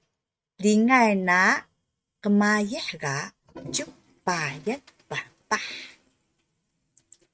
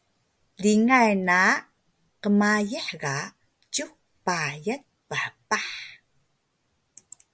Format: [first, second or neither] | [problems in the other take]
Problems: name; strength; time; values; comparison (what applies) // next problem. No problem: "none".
second | noise reduction (neural mask model RNNoise)